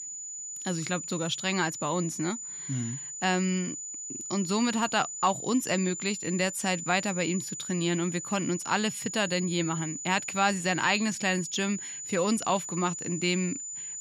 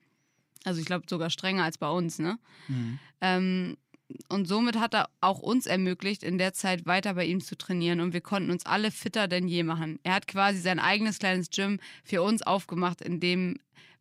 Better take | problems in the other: second | high-pitched whine; loud; throughout; 7 kHz, 7 dB below the speech

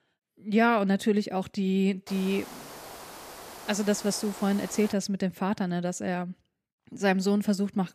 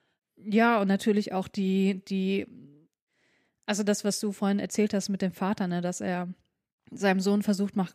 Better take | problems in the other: second | hiss; noticeable; from 2 to 5 s; 15 dB below the speech

